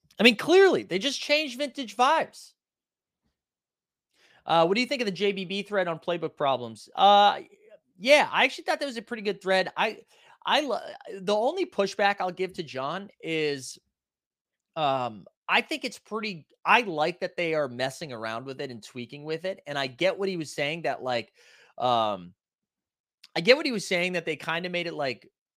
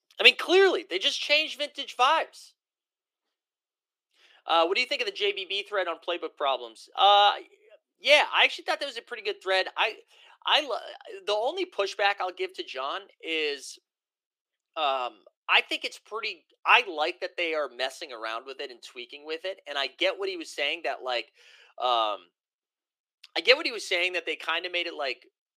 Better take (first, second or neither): first